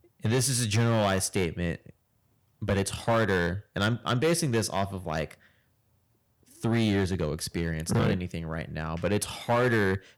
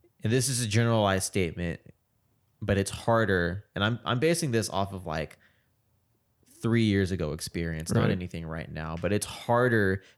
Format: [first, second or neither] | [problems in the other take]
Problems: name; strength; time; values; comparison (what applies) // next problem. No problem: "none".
second | distortion; slight; 6% of the sound clipped